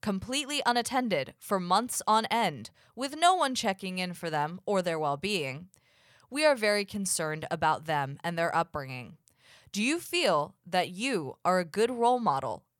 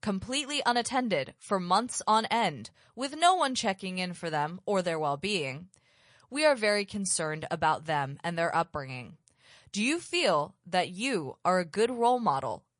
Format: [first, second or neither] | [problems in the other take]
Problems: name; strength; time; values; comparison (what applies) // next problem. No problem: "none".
first | garbled, watery; slightly; nothing above 10.5 kHz